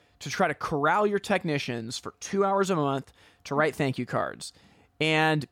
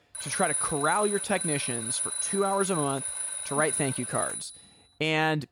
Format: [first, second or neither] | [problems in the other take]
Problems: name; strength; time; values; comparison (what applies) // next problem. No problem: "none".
first | alarm; loud; until 4.5 s; peak 2 dB above the speech